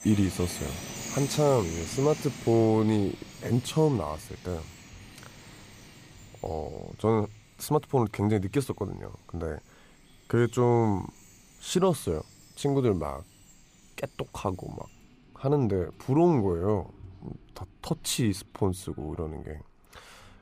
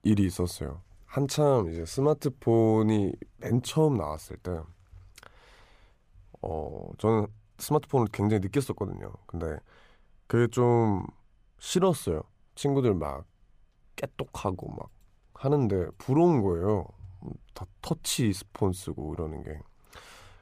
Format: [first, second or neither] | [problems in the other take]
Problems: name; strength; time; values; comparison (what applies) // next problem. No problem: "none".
second | animal sounds; noticeable; throughout; 15 dB below the speech